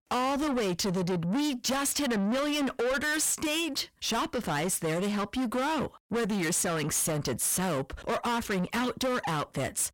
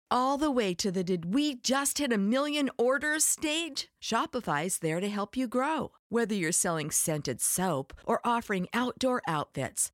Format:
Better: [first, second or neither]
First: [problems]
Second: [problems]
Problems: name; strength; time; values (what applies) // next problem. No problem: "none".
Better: second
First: distortion; heavy; 6 dB below the speech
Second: none